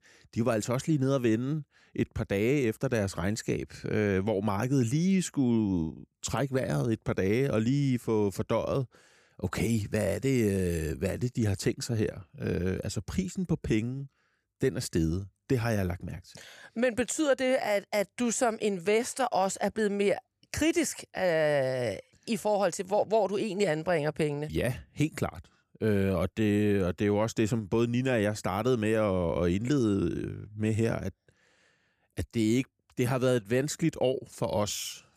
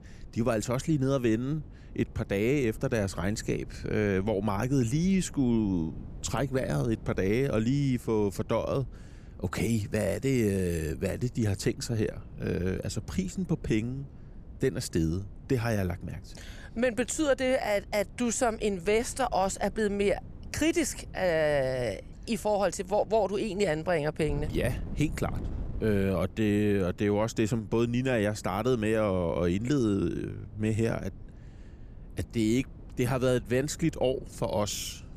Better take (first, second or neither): first